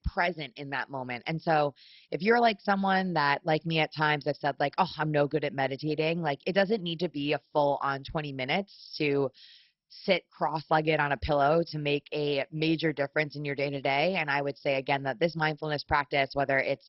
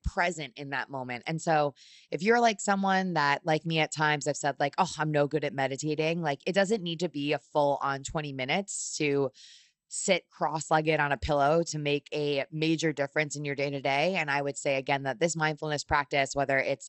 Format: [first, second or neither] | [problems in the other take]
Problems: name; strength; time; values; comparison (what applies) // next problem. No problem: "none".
second | garbled, watery; badly; nothing above 5.5 kHz; slightly in the second